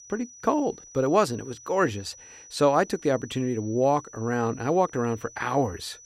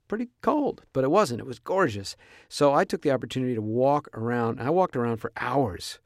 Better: second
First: high-pitched whine; noticeable; throughout; 6 kHz, 20 dB below the speech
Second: none

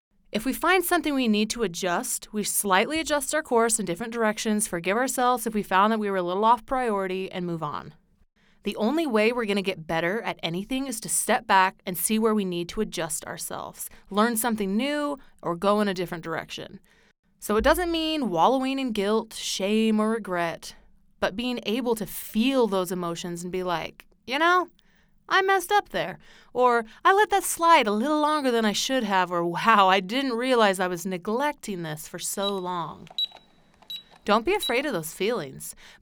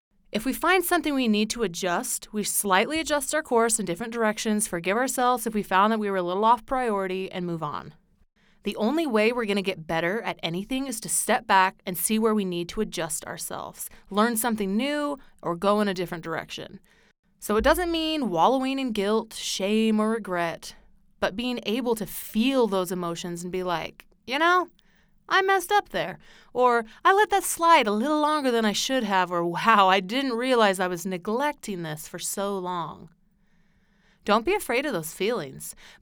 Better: second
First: alarm; noticeable; from 32 to 35 s; peak 4 dB below the speech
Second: none

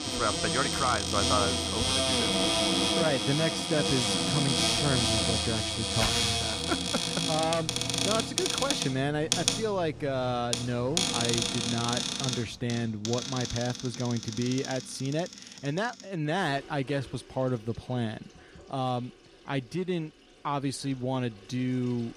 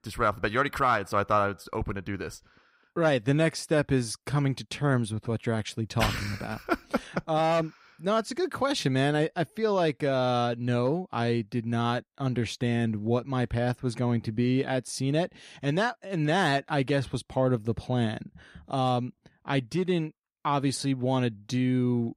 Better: second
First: household noises; very loud; throughout; 4 dB above the speech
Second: none

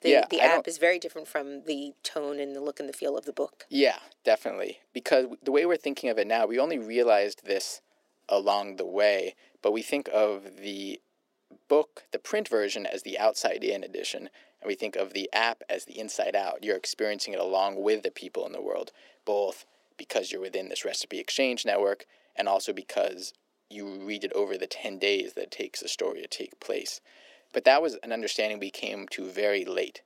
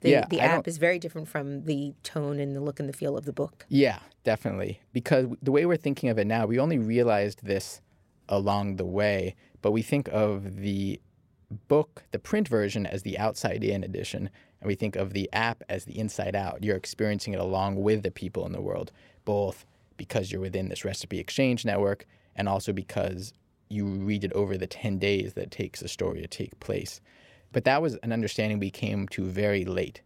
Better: second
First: thin; somewhat; fading below 300 Hz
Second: none

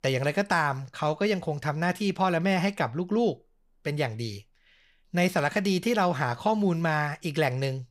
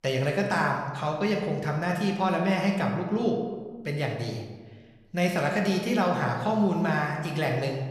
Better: first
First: none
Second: room echo; slight; dies away in 1.1 s

